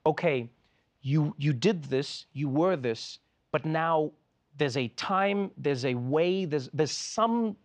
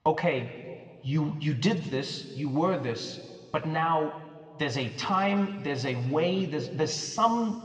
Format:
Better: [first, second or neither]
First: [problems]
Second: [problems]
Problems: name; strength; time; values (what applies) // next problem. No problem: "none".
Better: first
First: none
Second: room echo; slight; dies away in 1.5 s // off-mic speech; somewhat distant